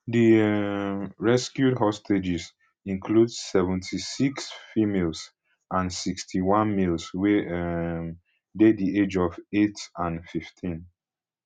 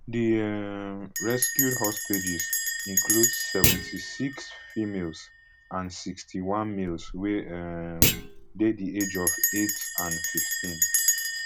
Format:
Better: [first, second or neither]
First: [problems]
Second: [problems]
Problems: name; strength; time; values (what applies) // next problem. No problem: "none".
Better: first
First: none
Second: background sound (Bell + Thump, thud); 2 dB above the speech